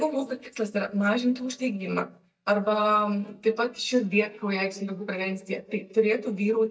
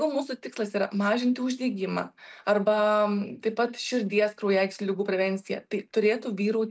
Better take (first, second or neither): second